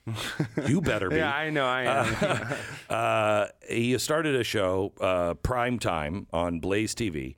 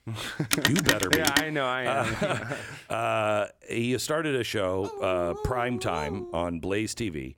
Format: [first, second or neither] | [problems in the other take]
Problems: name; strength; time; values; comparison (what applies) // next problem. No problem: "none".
first | phone ringing; loud; at 0.5 s; peak 5 dB above the speech // dog barking; noticeable; from 5 to 6.5 s; peak 8 dB below the speech